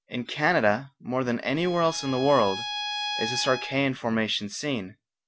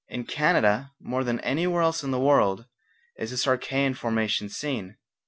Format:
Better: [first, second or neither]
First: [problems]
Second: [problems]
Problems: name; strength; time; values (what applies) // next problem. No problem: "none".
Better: second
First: background sound (Bowed string instrument); 7 dB below the speech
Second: none